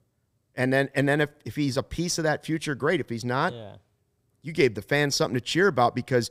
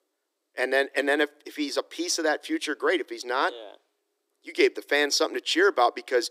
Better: first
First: none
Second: thin; somewhat; fading below 300 Hz

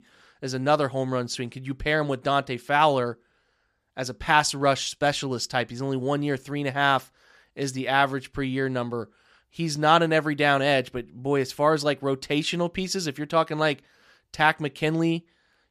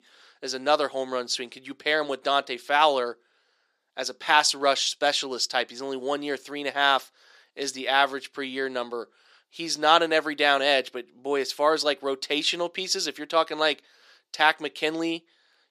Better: first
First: none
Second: thin; somewhat; fading below 350 Hz

